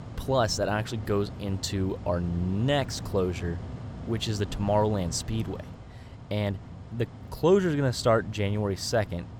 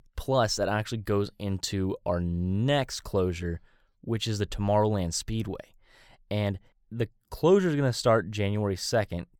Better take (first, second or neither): second